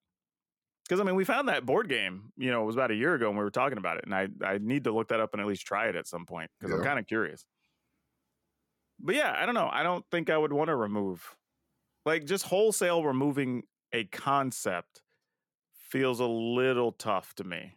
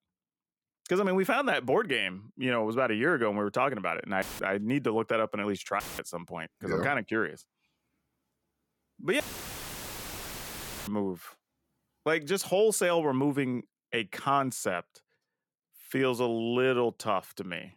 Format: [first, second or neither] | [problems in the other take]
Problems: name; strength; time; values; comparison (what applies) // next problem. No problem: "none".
first | audio cutting out; filled with static; at 4 s, at 6 s and at 9 s for 1.5 s